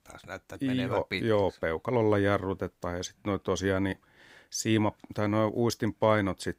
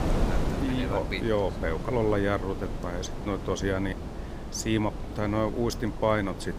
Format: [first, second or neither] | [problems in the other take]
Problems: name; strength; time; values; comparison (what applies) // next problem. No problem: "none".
first | wind noise on the microphone; heavy; 9 dB below the speech